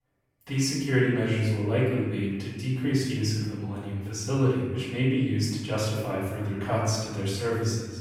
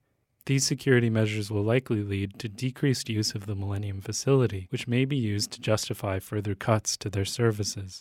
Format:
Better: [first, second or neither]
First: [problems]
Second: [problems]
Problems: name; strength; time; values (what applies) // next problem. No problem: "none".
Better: second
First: off-mic speech; far // room echo; strong; dies away in 1.3 s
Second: none